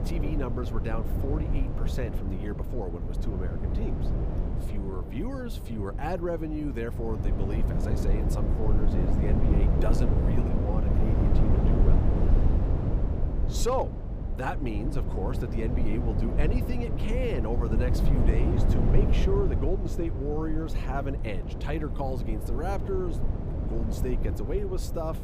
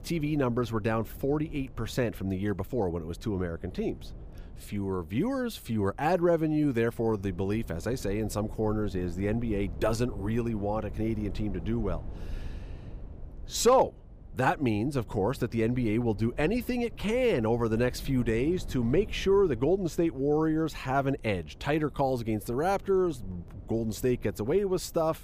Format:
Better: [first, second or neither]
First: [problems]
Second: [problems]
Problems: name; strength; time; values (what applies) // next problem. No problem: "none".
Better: second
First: low rumble; loud; throughout; 3 dB below the speech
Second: low rumble; faint; throughout; 25 dB below the speech